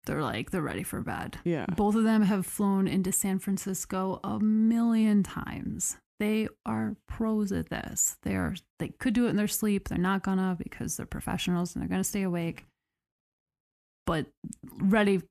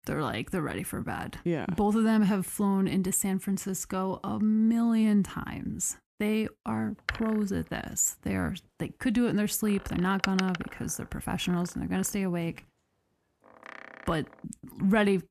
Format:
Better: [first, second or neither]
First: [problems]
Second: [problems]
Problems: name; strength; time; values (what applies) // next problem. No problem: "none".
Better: first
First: none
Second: door banging; noticeable; from 7 to 14 s; peak 3 dB below the speech